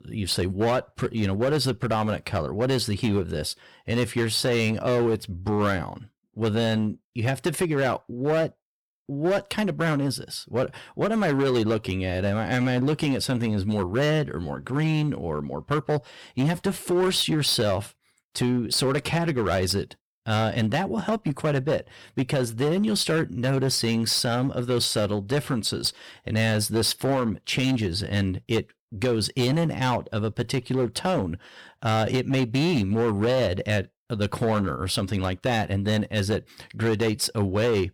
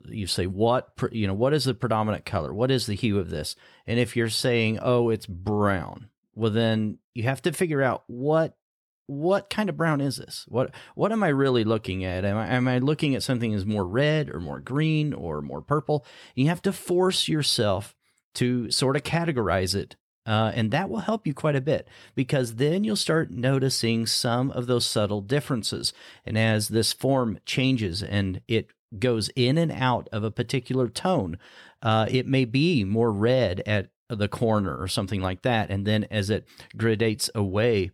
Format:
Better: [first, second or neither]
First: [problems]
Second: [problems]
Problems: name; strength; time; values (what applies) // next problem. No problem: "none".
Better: second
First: distortion; slight; 10% of the sound clipped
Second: none